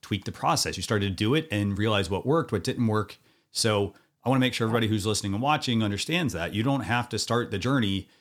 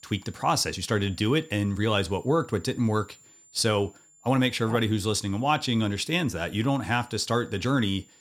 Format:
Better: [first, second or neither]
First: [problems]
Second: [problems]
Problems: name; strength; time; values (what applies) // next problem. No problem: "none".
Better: first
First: none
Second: high-pitched whine; faint; throughout; 7 kHz, 30 dB below the speech